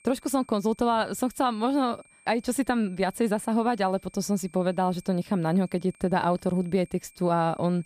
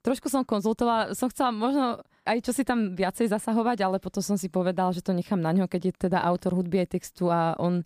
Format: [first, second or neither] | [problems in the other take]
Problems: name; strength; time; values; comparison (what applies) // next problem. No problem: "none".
second | high-pitched whine; faint; throughout; 2.5 kHz, 30 dB below the speech